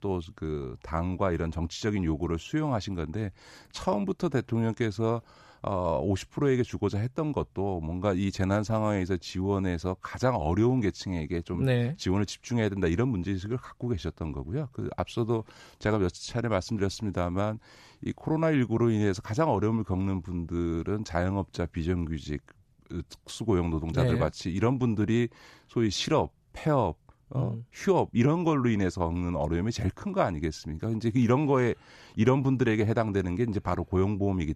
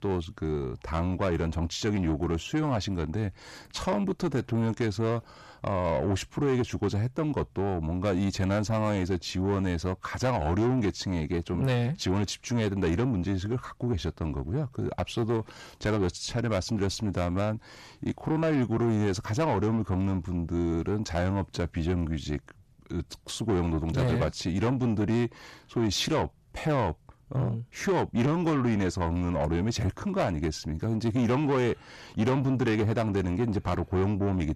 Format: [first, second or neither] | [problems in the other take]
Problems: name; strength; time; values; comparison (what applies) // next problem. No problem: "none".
first | distortion; slight; 10 dB below the speech